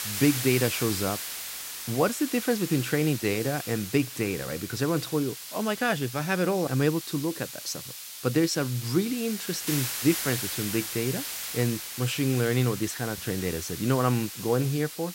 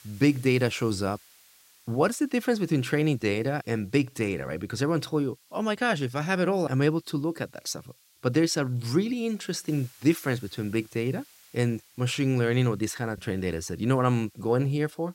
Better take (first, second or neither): second